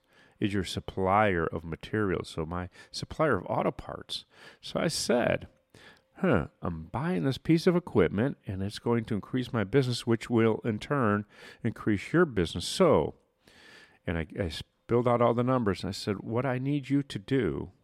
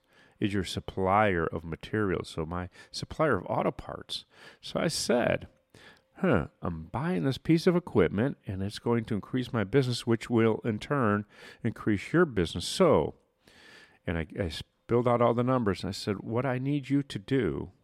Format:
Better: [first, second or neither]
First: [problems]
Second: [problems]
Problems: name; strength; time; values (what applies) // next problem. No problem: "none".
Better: neither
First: none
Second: none